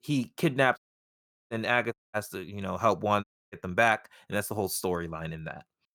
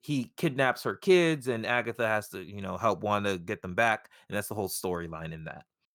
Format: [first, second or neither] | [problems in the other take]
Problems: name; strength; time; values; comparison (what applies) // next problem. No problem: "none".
second | audio cutting out; at 1 s for 0.5 s, at 2 s and at 3 s